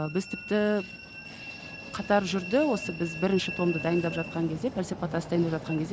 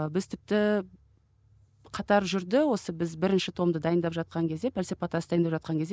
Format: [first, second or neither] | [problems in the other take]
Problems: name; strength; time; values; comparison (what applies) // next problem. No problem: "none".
second | background sound (Train); 11 dB below the speech